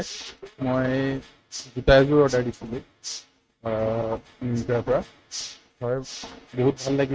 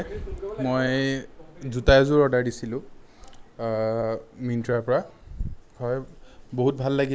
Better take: second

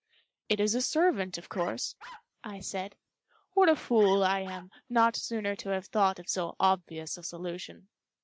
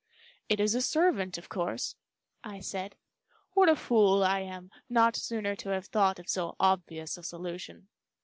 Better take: second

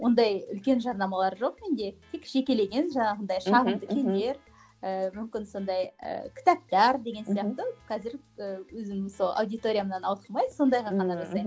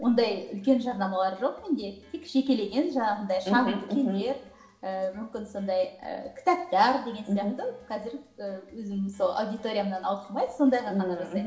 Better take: first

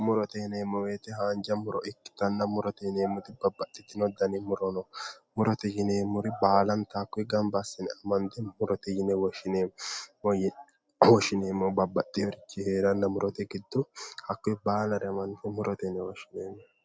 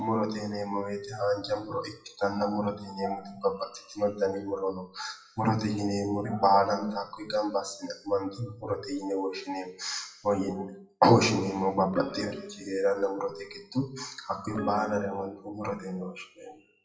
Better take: first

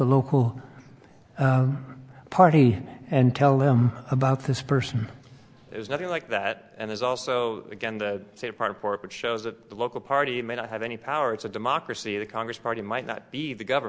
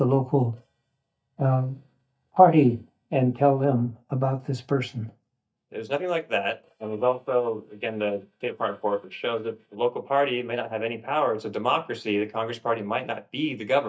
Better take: first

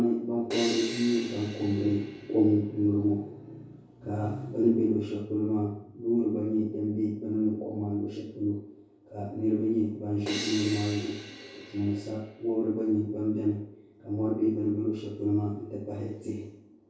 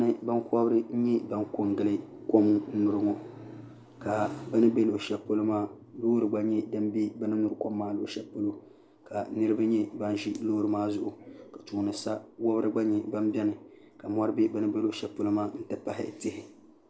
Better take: second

